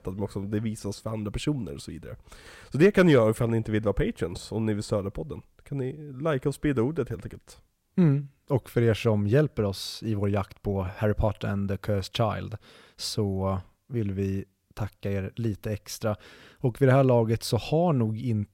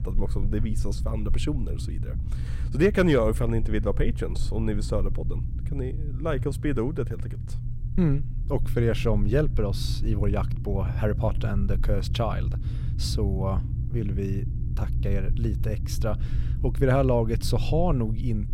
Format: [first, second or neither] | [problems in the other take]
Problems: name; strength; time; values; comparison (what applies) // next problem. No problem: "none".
first | low rumble; noticeable; throughout; 15 dB below the speech